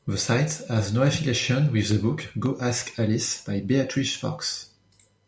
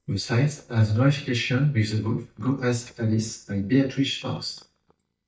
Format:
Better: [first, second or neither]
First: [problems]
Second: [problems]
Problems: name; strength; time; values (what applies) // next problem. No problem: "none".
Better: first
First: none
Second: noise reduction (neural mask model DeepFilterNet 3)